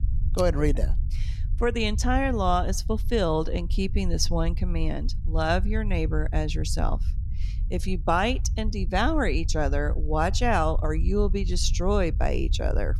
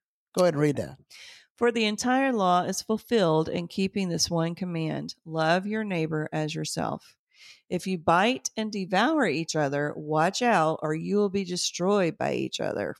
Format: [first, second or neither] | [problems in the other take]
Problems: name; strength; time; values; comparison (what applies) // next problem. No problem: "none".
second | low rumble; faint; throughout; 20 dB below the speech